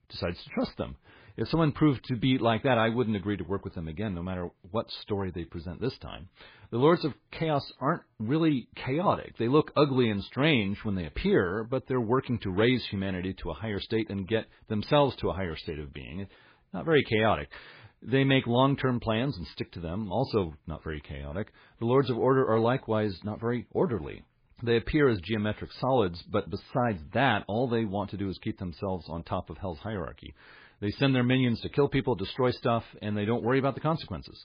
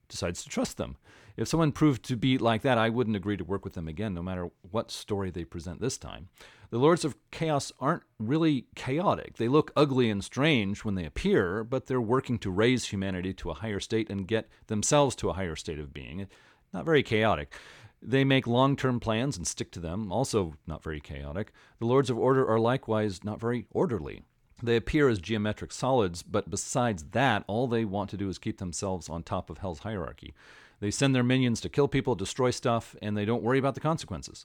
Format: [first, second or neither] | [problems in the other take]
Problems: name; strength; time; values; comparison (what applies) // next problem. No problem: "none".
second | garbled, watery; badly